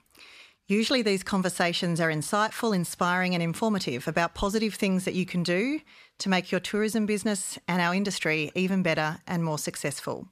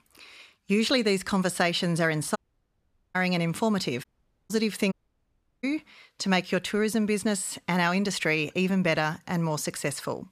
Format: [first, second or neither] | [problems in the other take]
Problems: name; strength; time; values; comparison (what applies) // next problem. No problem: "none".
first | audio cutting out; at 2.5 s for 1 s, at 4 s and at 5 s for 0.5 s